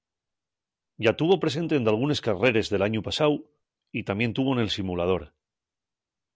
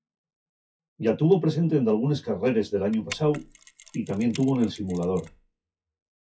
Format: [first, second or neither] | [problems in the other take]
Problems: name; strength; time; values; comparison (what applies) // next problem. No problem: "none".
first | noise reduction (classical method WPE with log-MMSE)